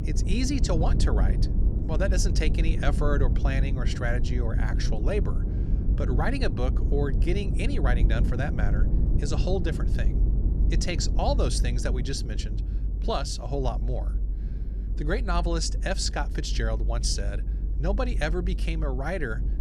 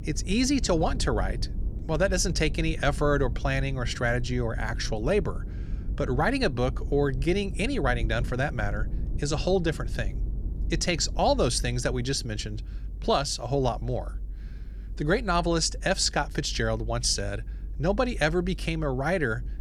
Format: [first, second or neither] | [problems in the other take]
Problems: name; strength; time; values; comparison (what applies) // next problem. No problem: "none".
second | low rumble; loud; throughout; 10 dB below the speech; faint in the second